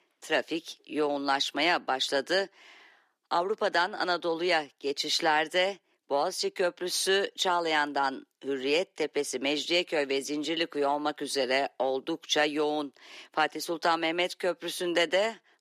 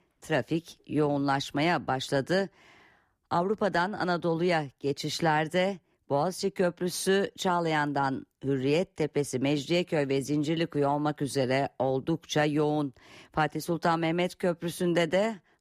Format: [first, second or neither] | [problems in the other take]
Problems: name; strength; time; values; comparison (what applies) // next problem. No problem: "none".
second | thin; somewhat; fading below 300 Hz